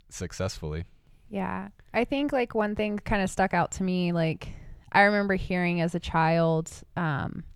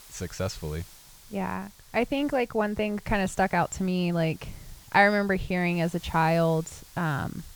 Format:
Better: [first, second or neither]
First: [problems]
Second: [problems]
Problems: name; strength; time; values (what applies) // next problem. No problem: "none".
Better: first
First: none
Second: hiss; faint; throughout; 25 dB below the speech